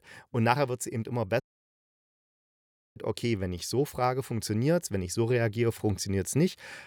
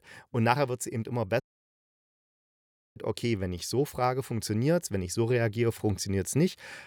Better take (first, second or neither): neither